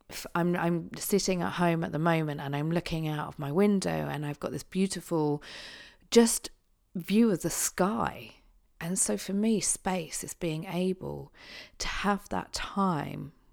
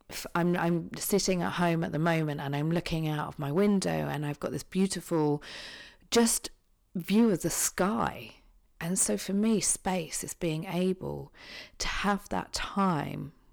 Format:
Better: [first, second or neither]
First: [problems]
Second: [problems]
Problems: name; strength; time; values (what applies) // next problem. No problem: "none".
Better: first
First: none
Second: distortion; slight; 3% of the sound clipped